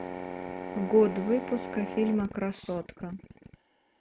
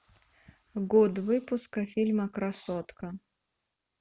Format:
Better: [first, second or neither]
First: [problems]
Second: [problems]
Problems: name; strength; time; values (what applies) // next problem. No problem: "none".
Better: second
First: background sound (Drill); 9 dB below the speech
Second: none